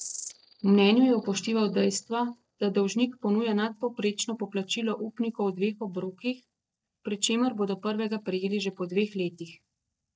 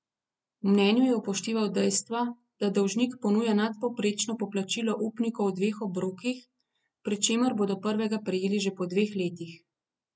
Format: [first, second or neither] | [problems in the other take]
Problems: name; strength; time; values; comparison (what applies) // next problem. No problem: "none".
second | noise reduction (neural mask model DeepFilterNet 3)